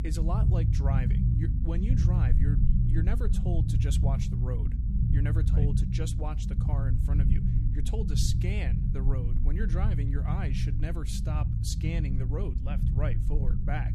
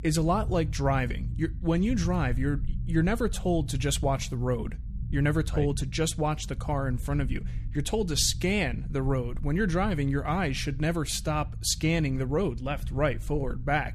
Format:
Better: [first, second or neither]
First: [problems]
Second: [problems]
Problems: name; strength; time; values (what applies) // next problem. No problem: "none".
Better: second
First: low rumble; loud; throughout; 1 dB below the speech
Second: low rumble; faint; throughout; 20 dB below the speech